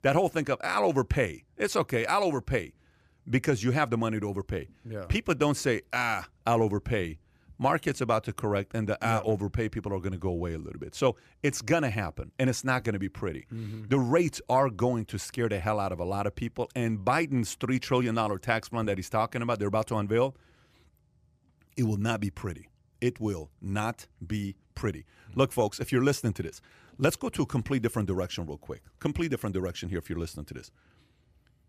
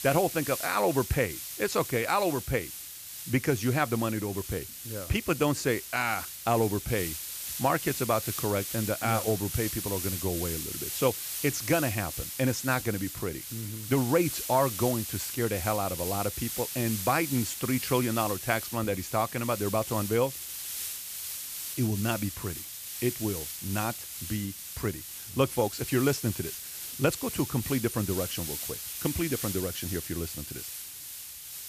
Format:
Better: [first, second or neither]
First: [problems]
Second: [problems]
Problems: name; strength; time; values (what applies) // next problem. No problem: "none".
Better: first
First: none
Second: hiss; loud; throughout; 5 dB below the speech